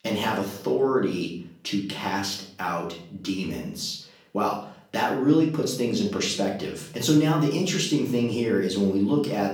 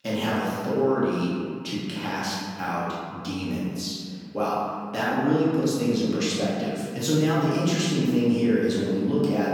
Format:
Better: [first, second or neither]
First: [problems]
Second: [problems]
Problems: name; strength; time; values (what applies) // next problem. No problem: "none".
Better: first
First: room echo; slight; dies away in 0.5 s // off-mic speech; far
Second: room echo; strong; dies away in 2 s // off-mic speech; far